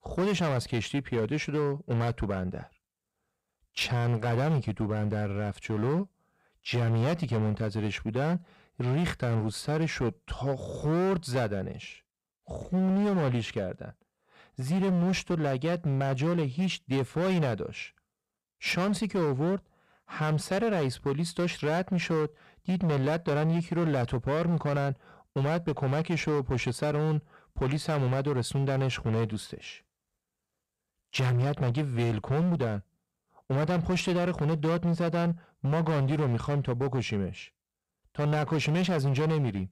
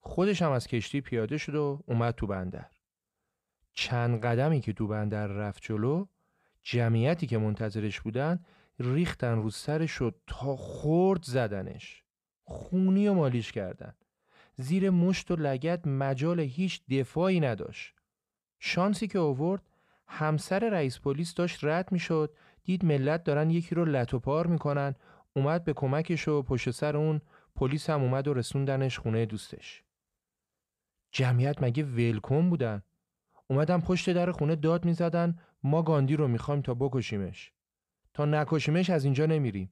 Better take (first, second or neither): second